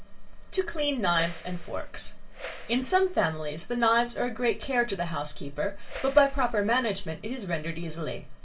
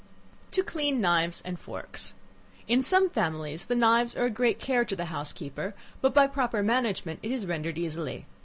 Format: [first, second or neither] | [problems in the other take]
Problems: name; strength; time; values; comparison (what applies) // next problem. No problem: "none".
second | background sound (Whoosh, swoosh, swish); 17 dB below the speech // room echo; dies away in 0.2 s